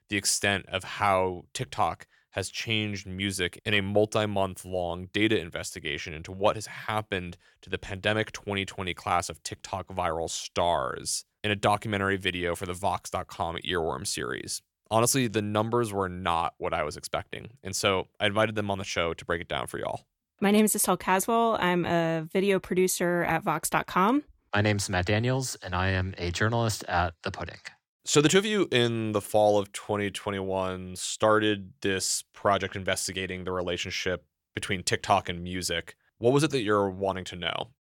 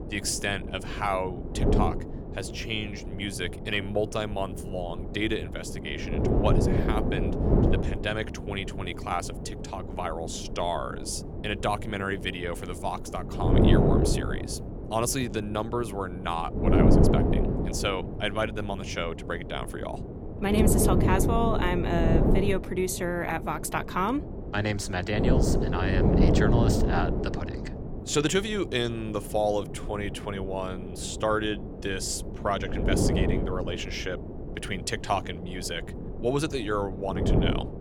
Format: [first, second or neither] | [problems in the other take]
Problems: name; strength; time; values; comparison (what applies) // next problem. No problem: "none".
first | wind noise on the microphone; heavy; 4 dB below the speech